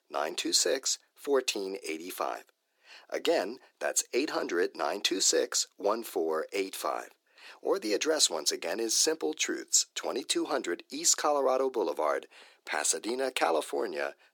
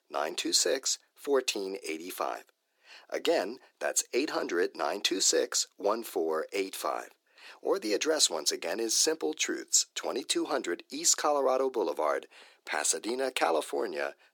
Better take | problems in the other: neither | thin; somewhat; fading below 350 Hz; the same in both

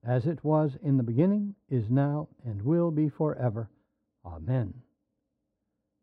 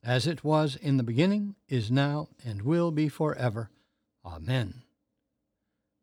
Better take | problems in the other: second | muffled; very; fading above 2 kHz

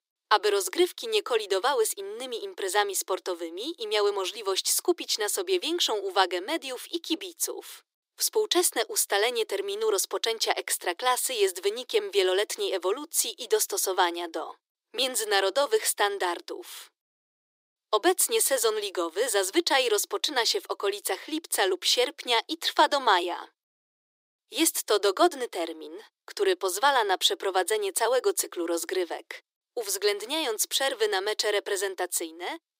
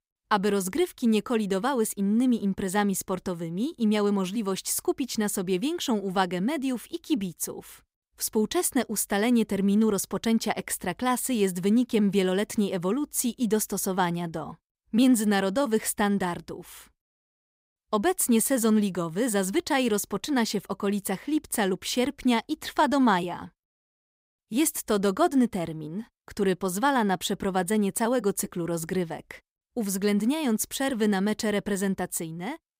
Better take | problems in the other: second | thin; very; fading below 350 Hz

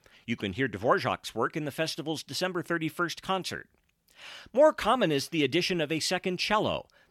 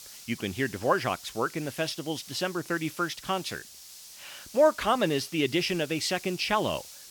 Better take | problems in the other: first | hiss; noticeable; throughout; 15 dB below the speech

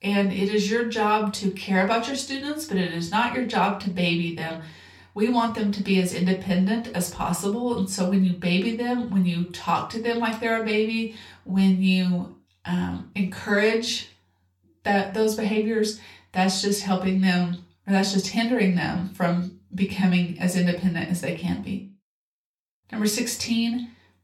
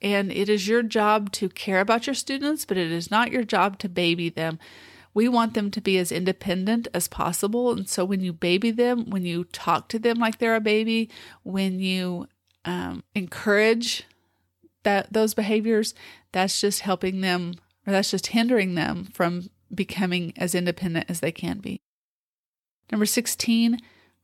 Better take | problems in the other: second | room echo; slight; dies away in 0.3 s // off-mic speech; far

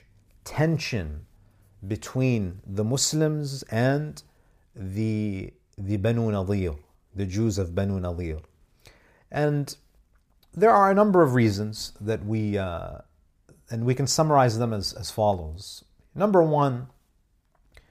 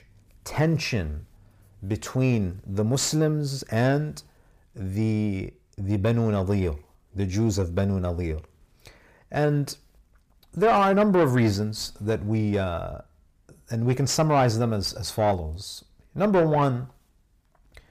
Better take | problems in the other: first | distortion; slight; 10 dB below the speech

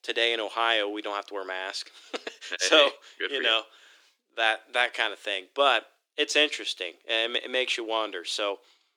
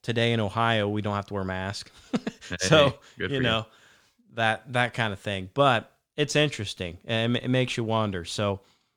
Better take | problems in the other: second | thin; very; fading below 300 Hz

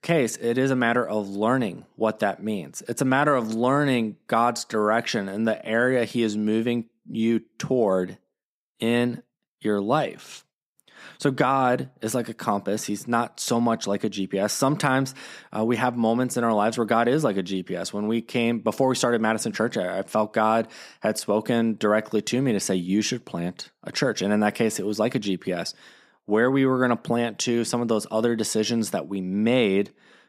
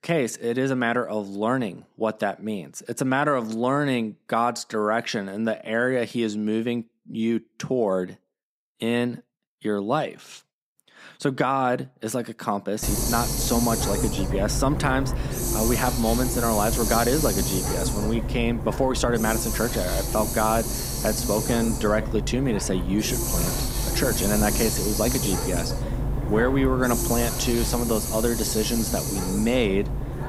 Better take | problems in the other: first | hiss; loud; from 13 s on; 1 dB below the speech

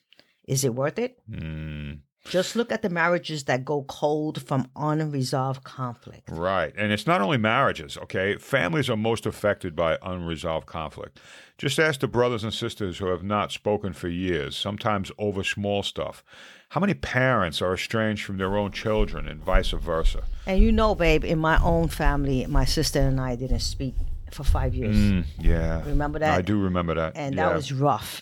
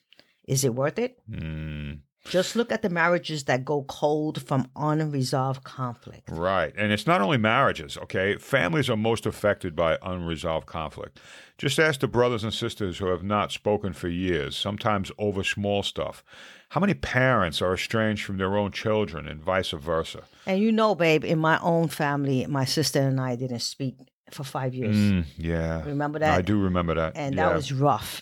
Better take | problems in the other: second | footsteps; noticeable; from 19 to 26 s; peak 2 dB below the speech

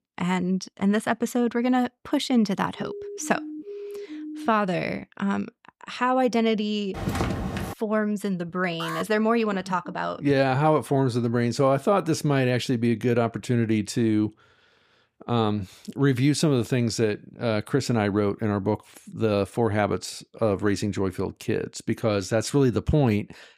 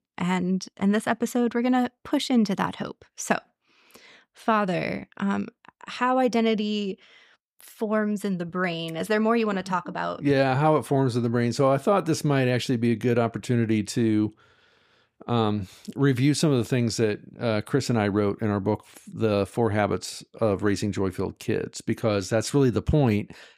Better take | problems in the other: second | siren; faint; from 3 to 4.5 s; peak 10 dB below the speech // footsteps; noticeable; at 7 s; peak 3 dB below the speech // alarm; noticeable; at 9 s; peak 9 dB below the speech

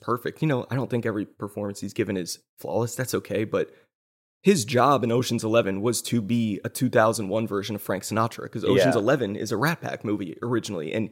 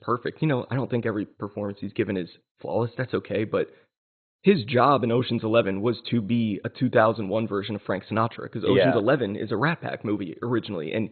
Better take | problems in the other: first | garbled, watery; badly; nothing above 4 kHz

